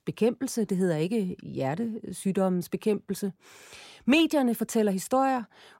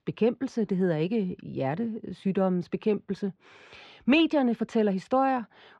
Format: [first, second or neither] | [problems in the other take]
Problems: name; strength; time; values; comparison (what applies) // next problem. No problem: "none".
first | muffled; slightly; fading above 4 kHz